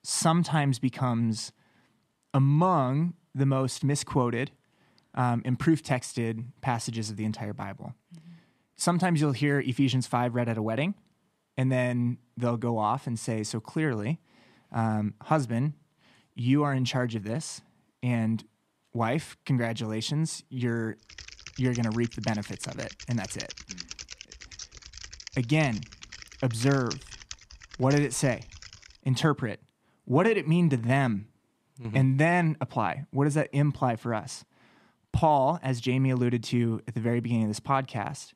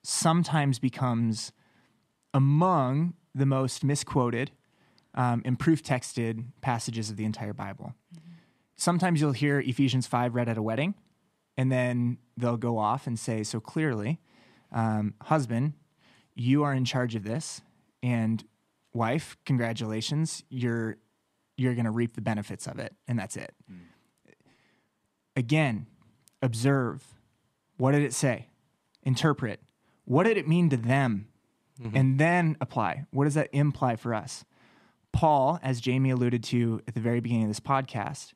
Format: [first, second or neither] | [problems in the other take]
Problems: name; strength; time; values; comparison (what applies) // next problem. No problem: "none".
second | keyboard typing; noticeable; from 21 to 29 s; peak 10 dB below the speech